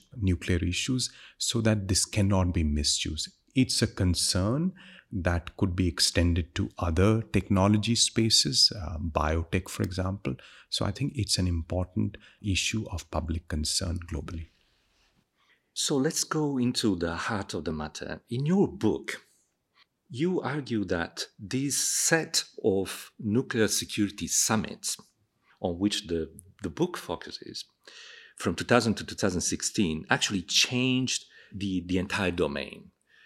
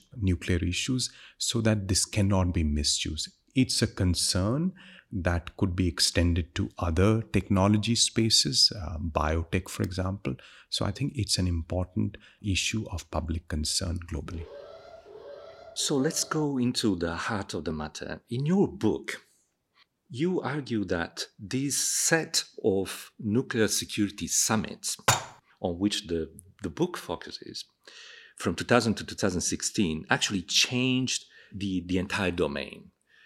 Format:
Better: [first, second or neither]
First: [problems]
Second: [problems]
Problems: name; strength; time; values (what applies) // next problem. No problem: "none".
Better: first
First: none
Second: alarm; faint; from 14 to 16 s; peak 20 dB below the speech // clattering dishes; loud; at 25 s; peak 2 dB above the speech